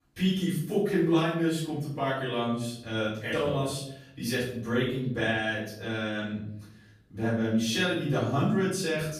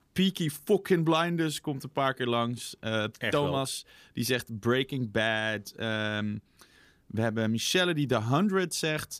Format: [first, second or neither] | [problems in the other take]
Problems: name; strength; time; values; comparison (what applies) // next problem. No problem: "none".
second | off-mic speech; far // room echo; noticeable; dies away in 0.7 s